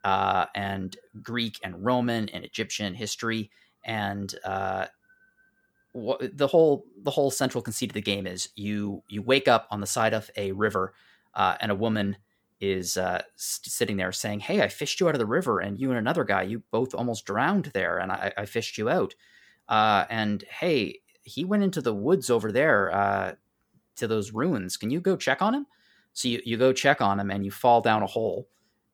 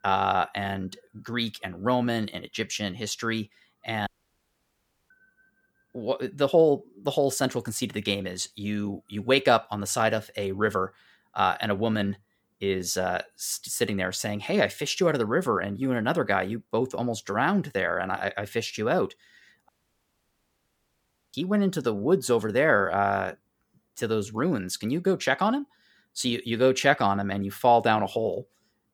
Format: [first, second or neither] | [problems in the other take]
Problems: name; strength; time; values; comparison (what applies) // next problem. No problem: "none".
first | audio cutting out; at 4 s for 1 s and at 20 s for 1.5 s